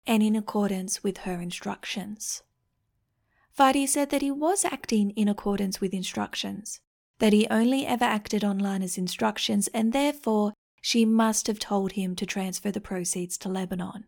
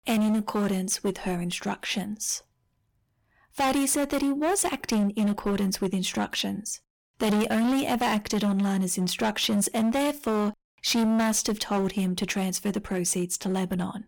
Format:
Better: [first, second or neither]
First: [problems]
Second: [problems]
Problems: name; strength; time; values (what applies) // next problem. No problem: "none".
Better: first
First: none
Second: distortion; heavy; 16% of the sound clipped